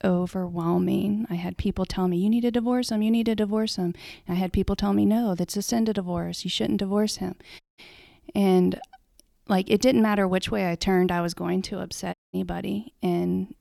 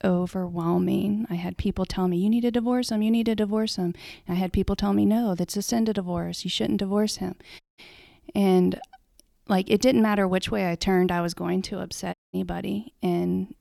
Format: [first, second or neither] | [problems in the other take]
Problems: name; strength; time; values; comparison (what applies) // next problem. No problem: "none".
neither | audio cutting out; at 7.5 s and at 12 s; the same in both